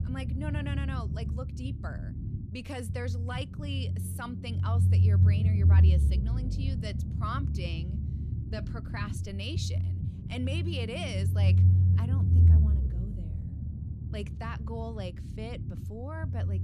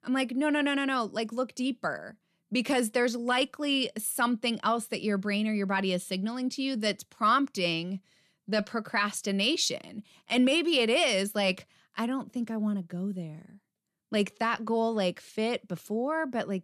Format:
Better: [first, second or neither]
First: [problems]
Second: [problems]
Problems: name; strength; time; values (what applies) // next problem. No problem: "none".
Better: second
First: low rumble; loud; throughout; 3 dB below the speech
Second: none